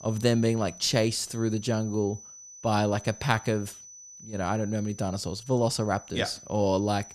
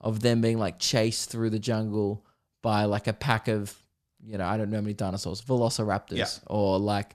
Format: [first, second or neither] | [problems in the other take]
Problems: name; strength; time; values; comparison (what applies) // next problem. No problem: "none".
second | high-pitched whine; noticeable; throughout; 6 kHz, 15 dB below the speech